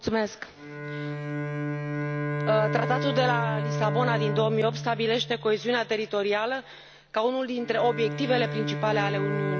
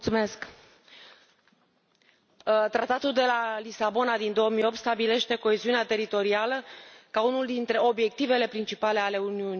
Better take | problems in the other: second | background sound (Bowed string instrument); 4 dB below the speech

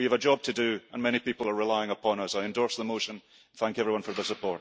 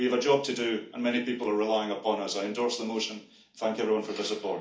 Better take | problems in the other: first | room echo; dies away in 0.4 s

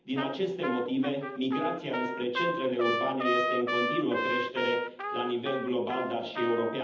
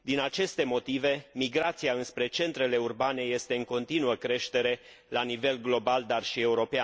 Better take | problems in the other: second | background sound (Trumpet); 3 dB below the speech // room echo; dies away in 0.8 s

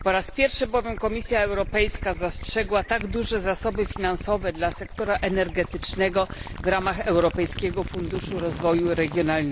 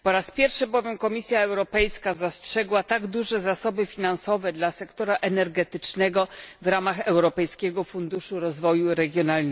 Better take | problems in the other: second | background sound (Gurgling / Liquid); 9 dB below the speech

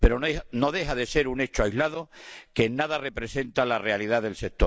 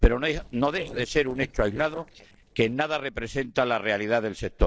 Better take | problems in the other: first | noise reduction (neural separator model SepFormer DNS4)

